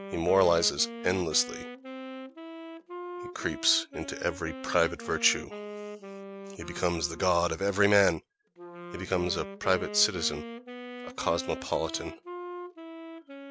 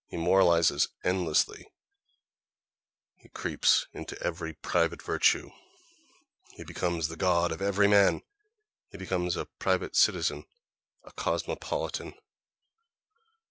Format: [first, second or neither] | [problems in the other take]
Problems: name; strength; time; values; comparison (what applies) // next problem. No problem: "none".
second | background sound (Wind instrument, woodwind instrument); 11 dB below the speech